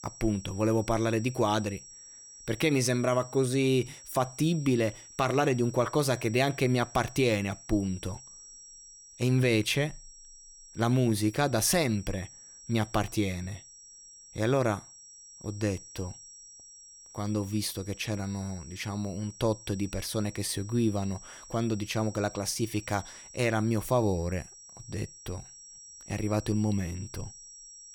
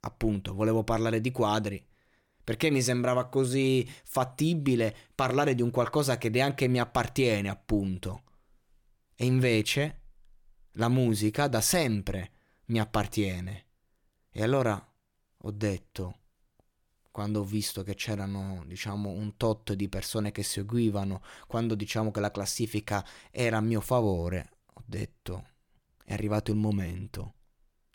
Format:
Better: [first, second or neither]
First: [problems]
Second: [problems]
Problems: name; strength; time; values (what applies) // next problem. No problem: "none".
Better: second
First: high-pitched whine; noticeable; throughout; 5.5 kHz, 20 dB below the speech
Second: none